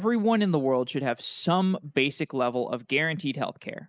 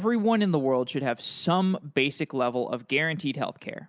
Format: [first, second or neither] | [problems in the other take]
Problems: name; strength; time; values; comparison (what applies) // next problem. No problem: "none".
second | noise reduction (neural mask model Resemble Enhance denoiser)